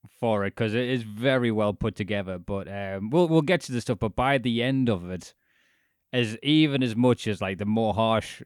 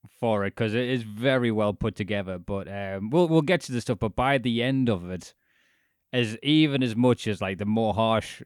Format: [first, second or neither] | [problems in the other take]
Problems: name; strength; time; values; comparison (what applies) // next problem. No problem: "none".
neither | none